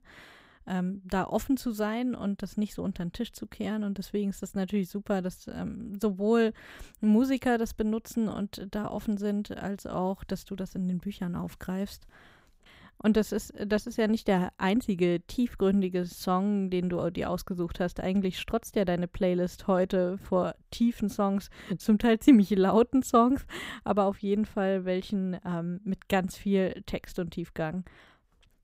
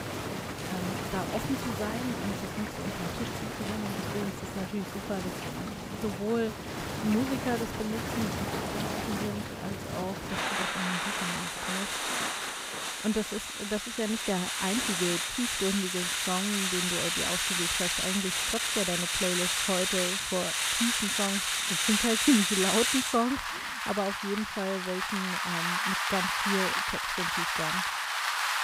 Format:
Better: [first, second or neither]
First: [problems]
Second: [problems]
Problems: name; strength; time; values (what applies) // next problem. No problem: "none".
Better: first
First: none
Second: rain or running water; very loud; throughout; 4 dB above the speech